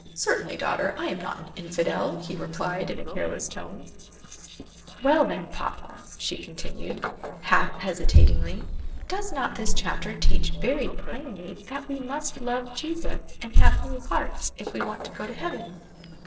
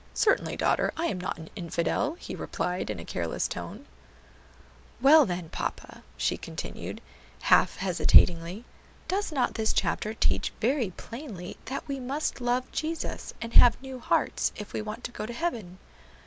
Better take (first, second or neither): second